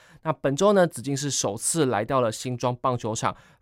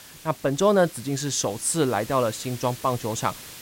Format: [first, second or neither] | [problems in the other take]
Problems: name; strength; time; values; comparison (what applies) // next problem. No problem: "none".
first | hiss; noticeable; throughout; 15 dB below the speech